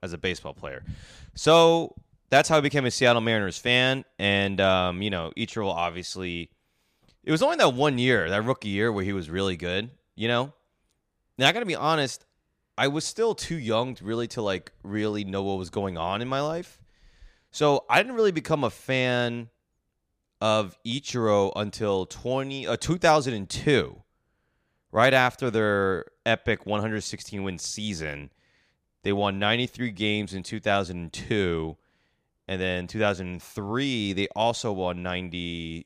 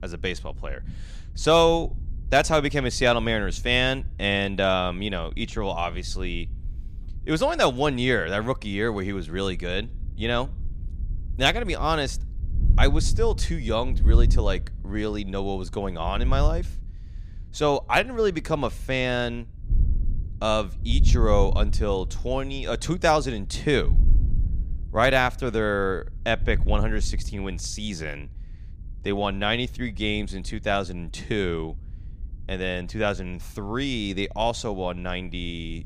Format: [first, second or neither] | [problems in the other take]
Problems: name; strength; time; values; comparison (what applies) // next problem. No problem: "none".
first | wind noise on the microphone; occasional gusts; 25 dB below the speech